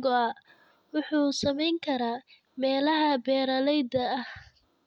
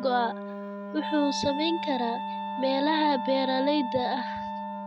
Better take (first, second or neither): first